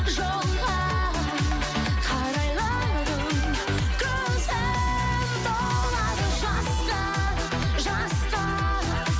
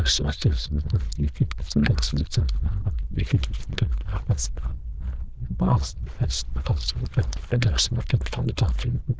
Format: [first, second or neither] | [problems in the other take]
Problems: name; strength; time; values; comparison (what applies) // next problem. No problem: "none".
first | noise reduction (neural diffusion model UNIVERSE++)